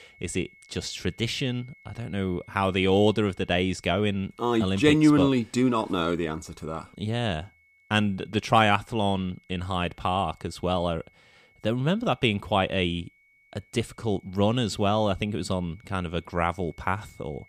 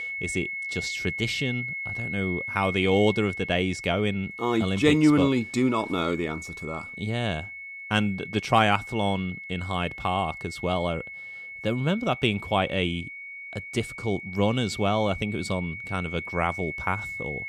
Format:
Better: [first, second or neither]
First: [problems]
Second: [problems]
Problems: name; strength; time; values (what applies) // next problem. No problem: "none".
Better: first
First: high-pitched whine; faint; throughout; 2 kHz, 30 dB below the speech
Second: high-pitched whine; loud; throughout; 2 kHz, 8 dB below the speech